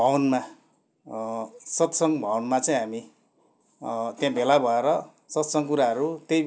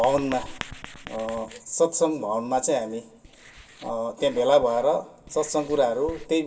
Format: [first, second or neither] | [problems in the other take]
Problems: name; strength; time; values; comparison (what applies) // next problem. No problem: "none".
first | background sound (Writing); 18 dB below the speech // room echo; dies away in 1.6 s